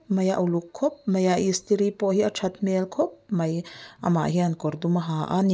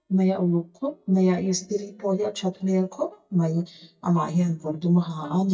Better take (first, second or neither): first